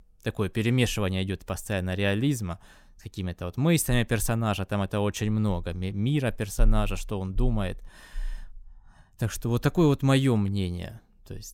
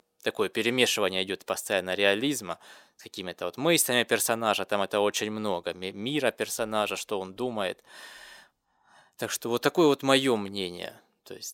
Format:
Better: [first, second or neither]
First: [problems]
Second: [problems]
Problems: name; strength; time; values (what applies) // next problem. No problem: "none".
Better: first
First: none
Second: thin; somewhat; fading below 450 Hz